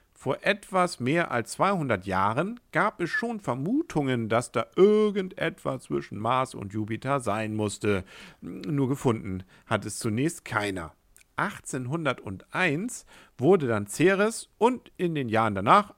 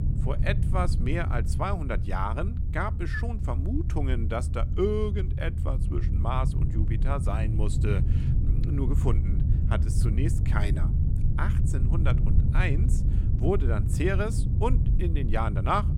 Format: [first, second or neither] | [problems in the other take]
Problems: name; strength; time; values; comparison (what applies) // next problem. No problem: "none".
first | low rumble; loud; throughout; 8 dB below the speech